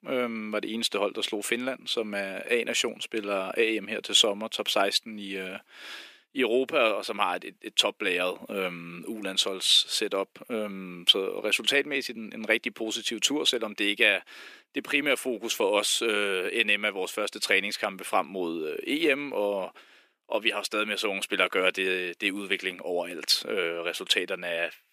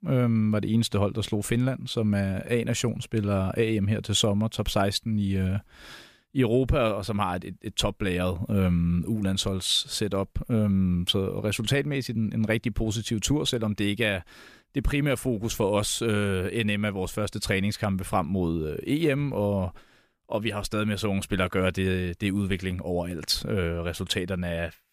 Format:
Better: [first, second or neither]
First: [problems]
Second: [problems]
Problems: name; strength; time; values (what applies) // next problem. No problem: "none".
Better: second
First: thin; somewhat; fading below 300 Hz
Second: none